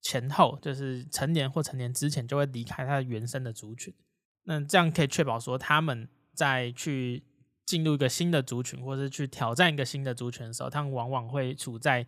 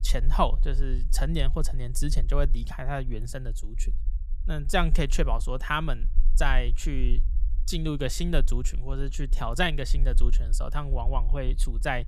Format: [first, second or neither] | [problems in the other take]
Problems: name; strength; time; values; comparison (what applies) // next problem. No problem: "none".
first | low rumble; faint; throughout; 25 dB below the speech